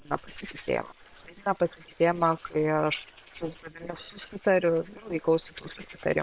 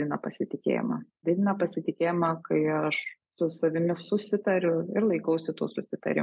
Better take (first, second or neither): second